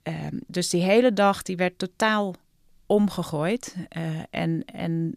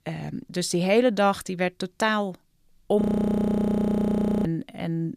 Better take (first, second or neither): first